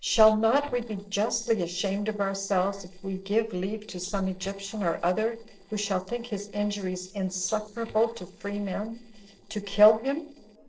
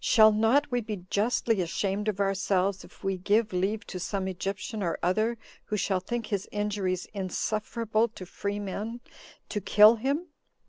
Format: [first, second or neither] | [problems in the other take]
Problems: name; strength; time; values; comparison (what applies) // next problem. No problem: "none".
second | noise reduction (neural separator model SepFormer DNS4)